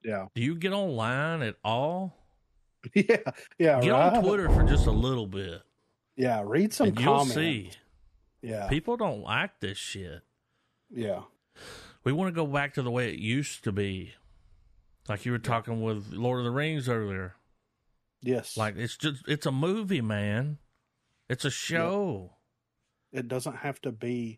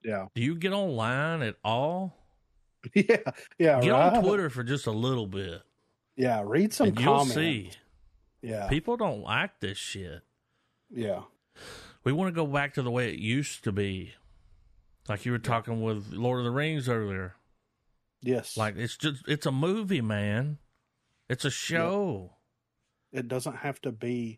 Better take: second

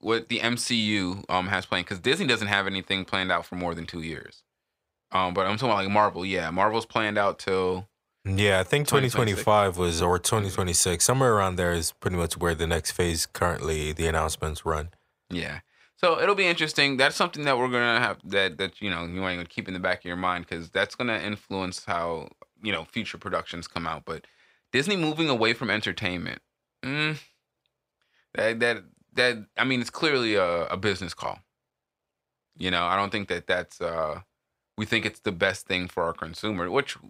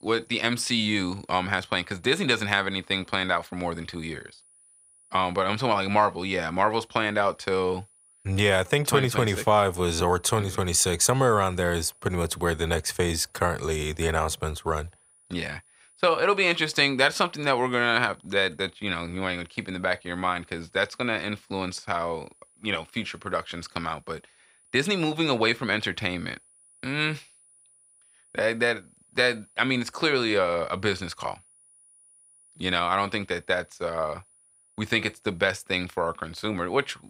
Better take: first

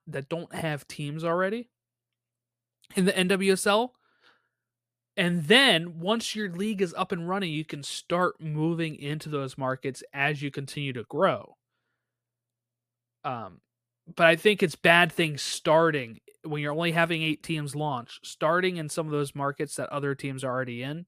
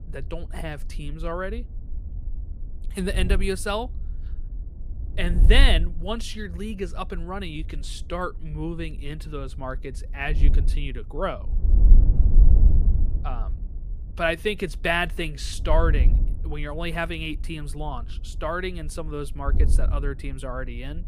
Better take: first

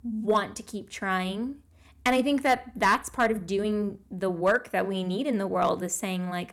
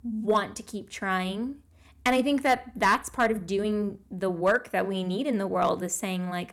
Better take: neither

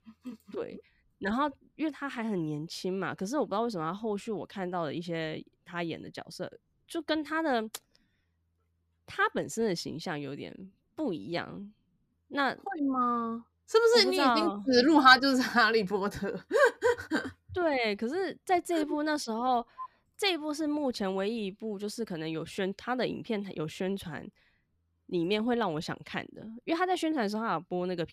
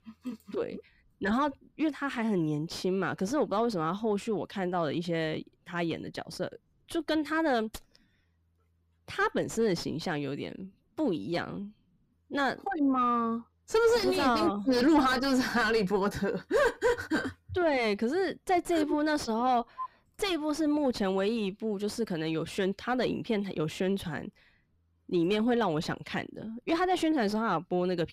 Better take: first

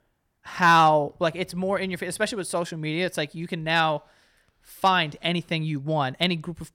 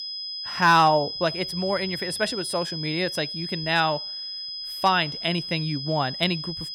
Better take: first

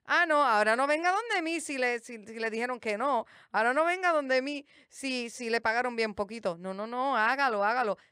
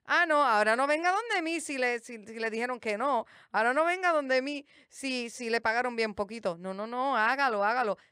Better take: neither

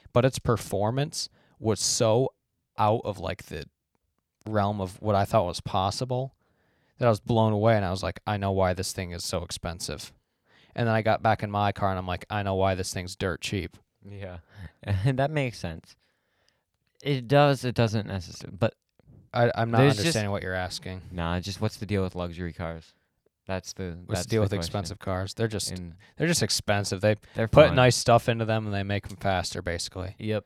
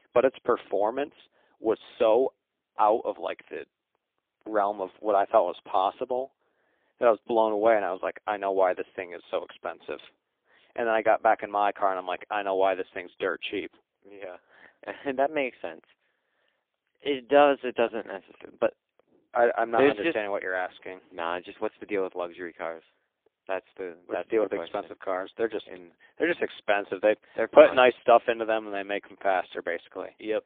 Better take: first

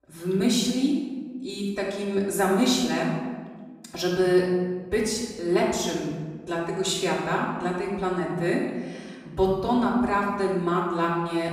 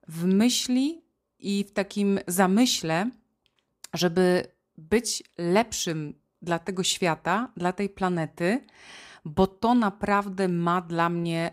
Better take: second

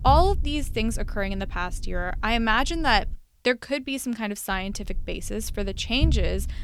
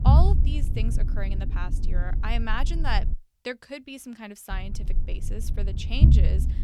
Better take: first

